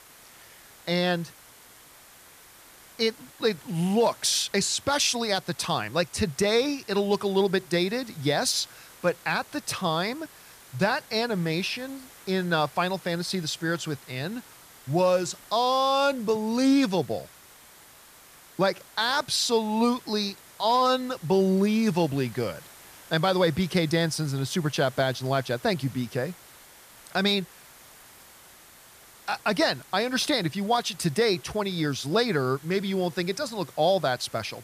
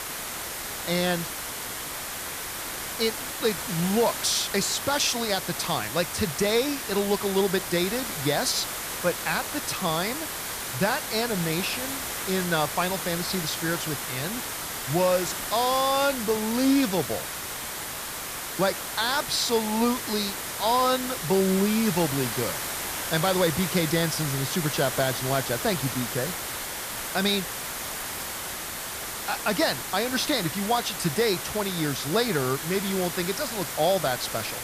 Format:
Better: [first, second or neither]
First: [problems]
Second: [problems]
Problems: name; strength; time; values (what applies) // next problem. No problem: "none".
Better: first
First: hiss; faint; throughout; 20 dB below the speech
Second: hiss; loud; throughout; 4 dB below the speech